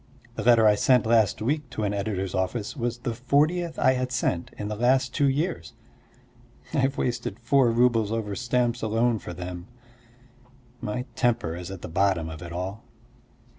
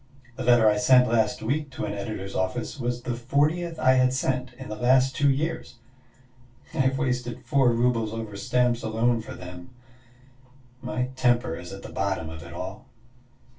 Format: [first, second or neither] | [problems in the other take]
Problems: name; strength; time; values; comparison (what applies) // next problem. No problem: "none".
first | room echo; dies away in 0.2 s